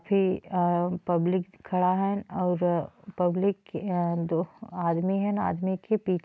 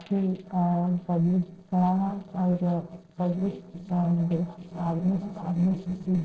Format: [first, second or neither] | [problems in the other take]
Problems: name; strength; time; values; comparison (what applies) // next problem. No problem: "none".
first | noise reduction (neural separator model SepFormer DNS4)